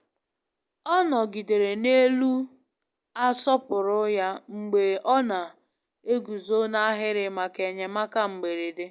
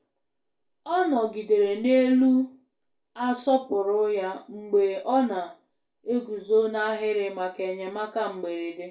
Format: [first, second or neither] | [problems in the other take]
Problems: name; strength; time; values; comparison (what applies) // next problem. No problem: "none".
first | room echo; dies away in 0.3 s